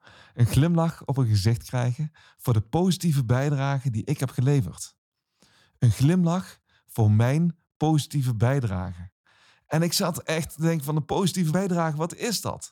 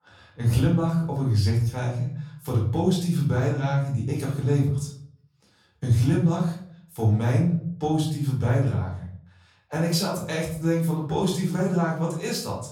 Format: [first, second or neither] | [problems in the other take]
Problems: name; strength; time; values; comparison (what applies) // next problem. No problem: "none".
first | room echo; slight; dies away in 0.5 s // off-mic speech; far